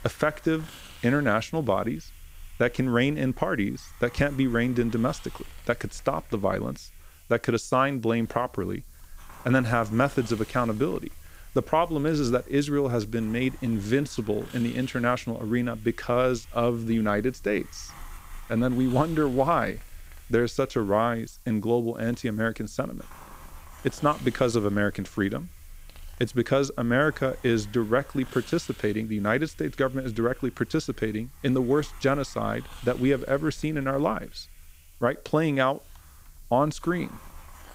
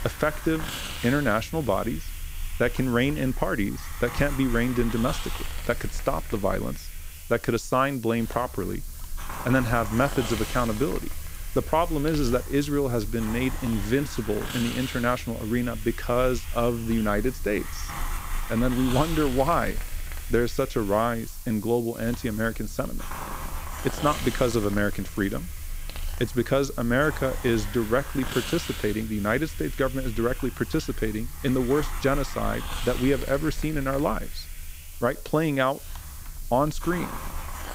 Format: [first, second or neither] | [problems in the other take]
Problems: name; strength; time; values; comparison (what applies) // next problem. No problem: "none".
first | hiss; loud; throughout; 10 dB below the speech; faint in the first